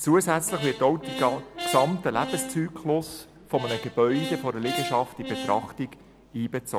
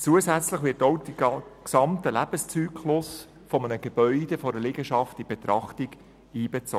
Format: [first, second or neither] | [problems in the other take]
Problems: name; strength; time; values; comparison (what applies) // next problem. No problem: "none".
second | background sound (Brass instrument); 9 dB below the speech